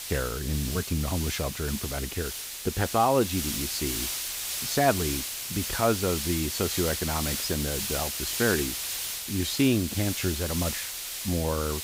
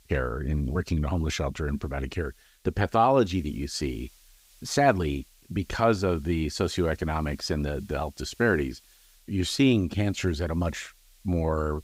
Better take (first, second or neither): second